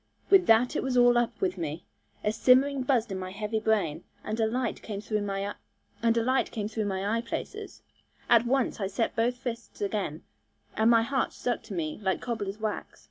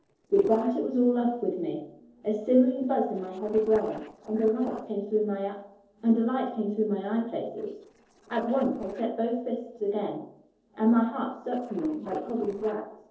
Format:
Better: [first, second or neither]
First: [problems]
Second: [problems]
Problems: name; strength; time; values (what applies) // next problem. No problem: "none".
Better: first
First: none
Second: noise reduction (neural separator model SepFormer DNS4)